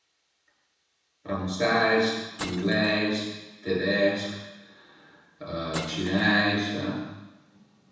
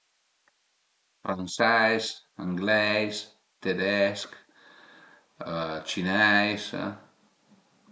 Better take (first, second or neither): second